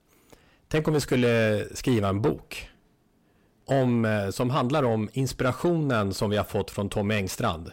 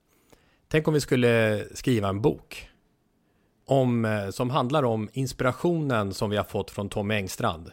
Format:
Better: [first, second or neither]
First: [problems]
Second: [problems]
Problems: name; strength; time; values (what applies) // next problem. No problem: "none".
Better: second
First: distortion; slight; 10 dB below the speech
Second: none